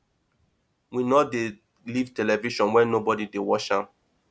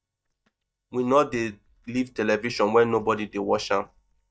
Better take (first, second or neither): first